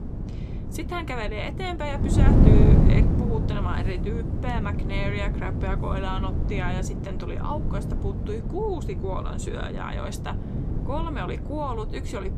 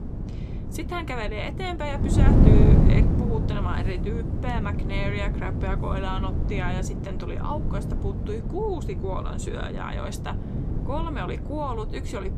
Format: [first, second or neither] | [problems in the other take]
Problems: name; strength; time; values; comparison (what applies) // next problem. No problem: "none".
neither | wind noise on the microphone; heavy; 2 dB below the speech; the same in both